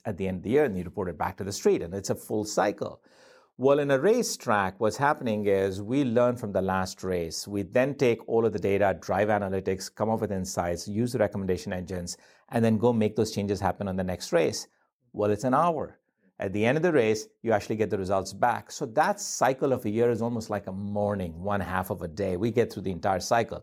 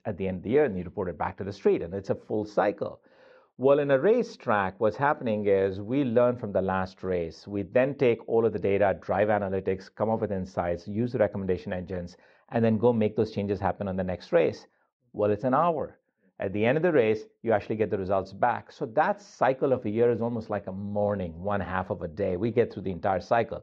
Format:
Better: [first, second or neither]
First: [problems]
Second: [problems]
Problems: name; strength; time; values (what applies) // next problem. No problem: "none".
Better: first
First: none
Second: muffled; very; fading above 3.5 kHz